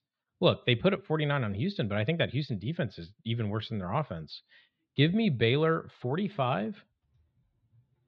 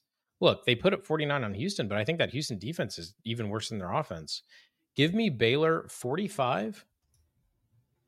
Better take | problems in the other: second | muffled; slightly; fading above 4 kHz

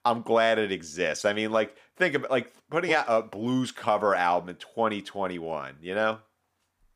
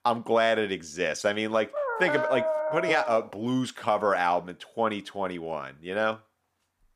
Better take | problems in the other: first | dog barking; loud; from 1.5 to 3 s; peak level with the speech

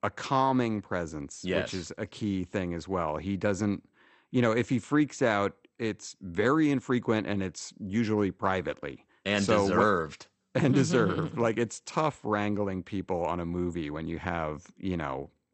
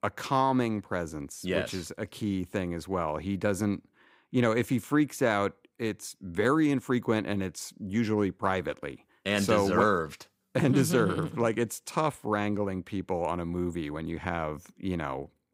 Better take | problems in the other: second | garbled, watery; slightly; nothing above 8 kHz

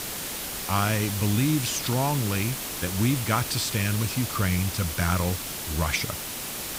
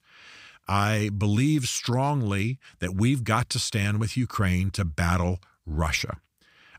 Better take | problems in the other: second | hiss; loud; throughout; 4 dB below the speech

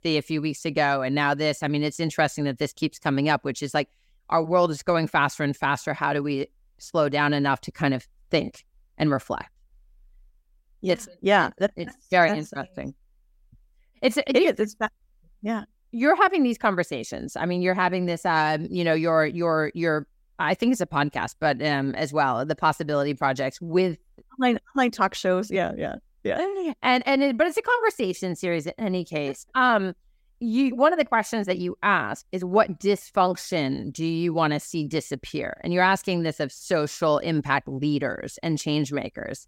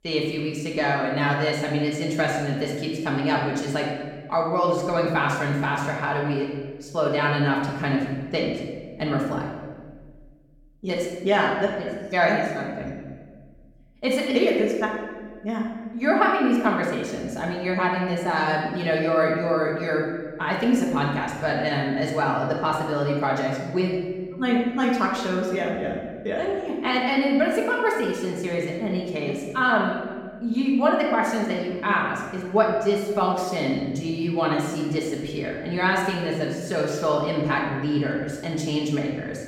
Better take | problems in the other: first | room echo; noticeable; dies away in 1.3 s // off-mic speech; far

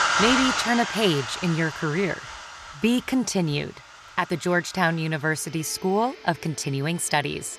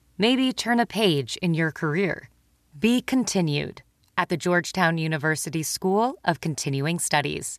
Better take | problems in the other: second | household noises; loud; throughout; 3 dB below the speech

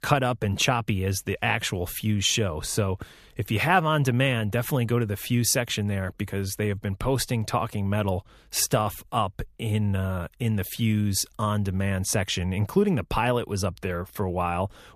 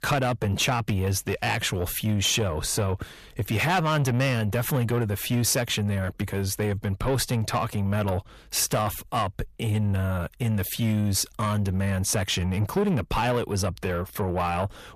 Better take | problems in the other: first | distortion; slight; 10 dB below the speech

